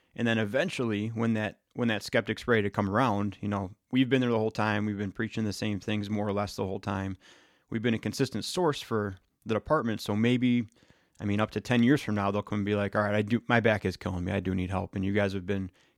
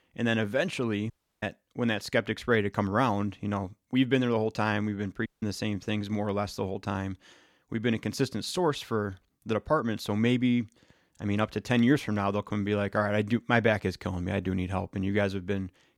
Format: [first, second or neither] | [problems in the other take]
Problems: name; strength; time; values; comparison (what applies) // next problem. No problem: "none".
first | audio cutting out; at 1 s and at 5.5 s